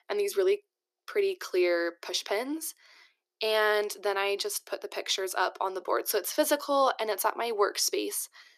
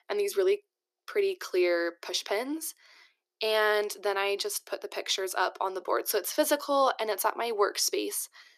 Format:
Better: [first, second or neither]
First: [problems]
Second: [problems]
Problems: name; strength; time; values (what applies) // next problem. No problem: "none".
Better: neither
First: thin; very; fading below 350 Hz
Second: thin; very; fading below 350 Hz